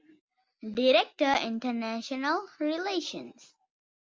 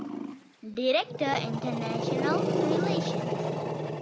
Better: first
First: none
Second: background sound (Growling); 2 dB above the speech

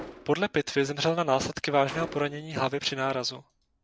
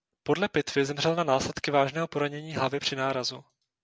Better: second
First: background sound (Gunshot, gunfire); 18 dB below the speech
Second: none

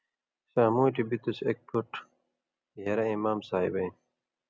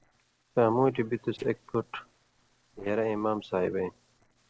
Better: first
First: none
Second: noise reduction (neural separator model SepFormer DNS4)

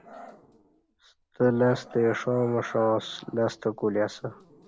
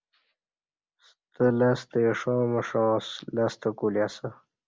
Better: second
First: background sound (Growling); 20 dB below the speech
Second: none

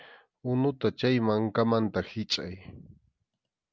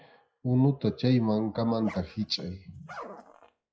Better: first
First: none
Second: noise reduction (classical method WPE with log-MMSE)

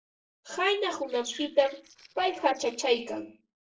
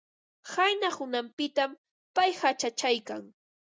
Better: second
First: noise reduction (neural separator model SepFormer DNS4)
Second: none

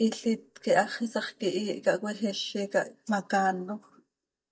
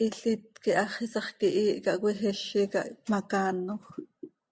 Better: second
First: noise reduction (neural mask model DeepFilterNet 3)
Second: none

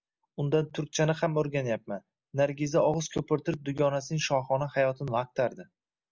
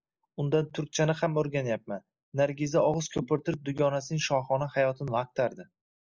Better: first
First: none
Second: noise reduction (neural mask model Resemble Enhance denoiser)

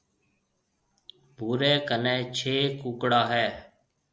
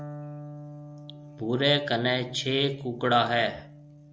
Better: first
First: none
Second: background sound (Electric guitar); 15 dB below the speech

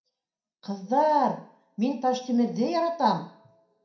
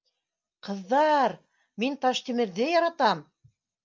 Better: second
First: room echo; dies away in 0.4 s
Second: none

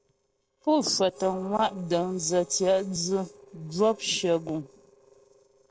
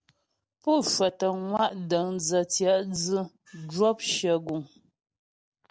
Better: second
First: noise reduction (neural separator model SepFormer DNS4)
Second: none

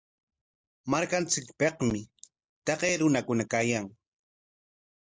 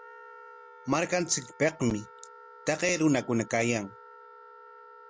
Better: first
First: none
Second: background sound (Wind instrument, woodwind instrument); 19 dB below the speech

